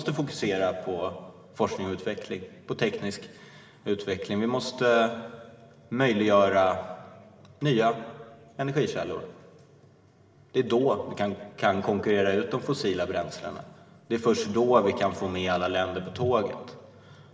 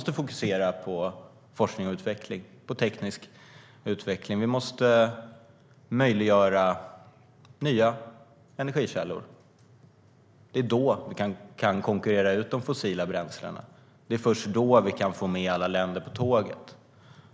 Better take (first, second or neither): second